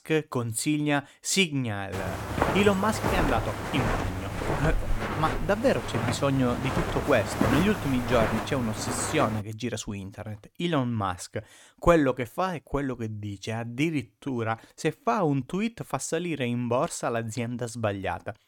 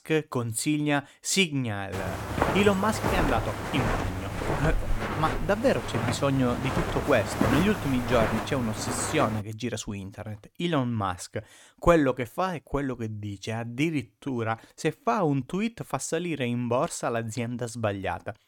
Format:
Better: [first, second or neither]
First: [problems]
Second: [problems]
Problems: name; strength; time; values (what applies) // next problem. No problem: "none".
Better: neither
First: footsteps; loud; from 2 to 9.5 s; peak 2 dB above the speech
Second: footsteps; loud; from 2 to 9.5 s; peak 2 dB above the speech